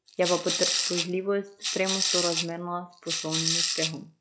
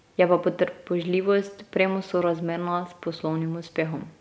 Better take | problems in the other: second | noise reduction (classical method log-MMSE)

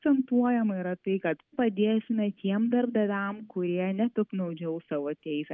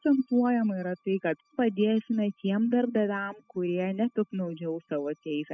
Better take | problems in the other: first | noise reduction (classical method spectral subtraction)

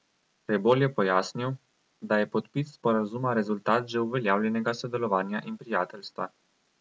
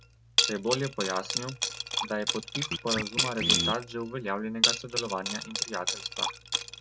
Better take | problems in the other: first | background sound (Scratching (performance technique) + Liquid); 3 dB above the speech

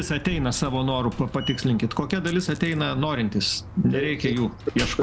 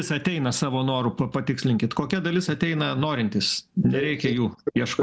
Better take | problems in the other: second | background sound (Coin (dropping) + Slam); 12 dB below the speech

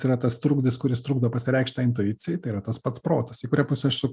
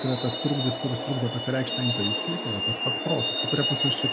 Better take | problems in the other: first | background sound (Truck); as loud as the speech

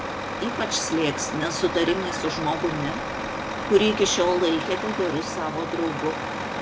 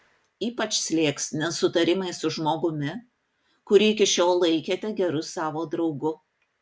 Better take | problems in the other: second | background sound (Truck); 4 dB below the speech

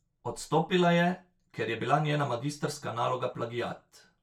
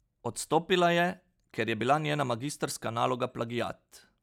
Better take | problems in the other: second | room echo; dies away in 0.2 s

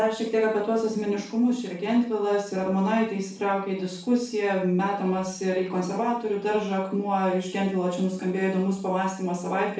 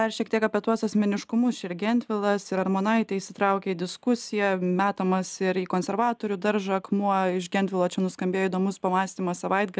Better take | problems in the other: second | room echo; dies away in 0.4 s

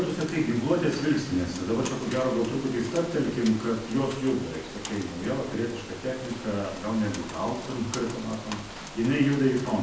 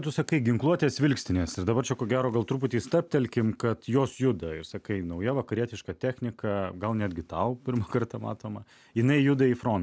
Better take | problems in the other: second | background sound (Rain); 13 dB below the speech // room echo; dies away in 0.9 s

